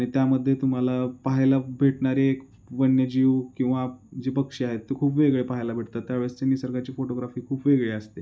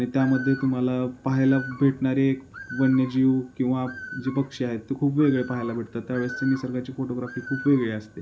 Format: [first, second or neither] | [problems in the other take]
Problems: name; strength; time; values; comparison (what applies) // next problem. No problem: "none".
first | background sound (Bird); 16 dB below the speech